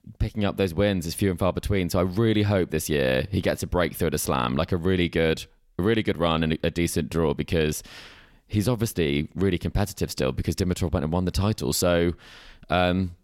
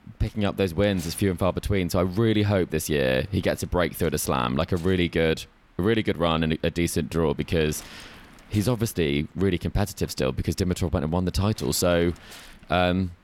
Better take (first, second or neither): first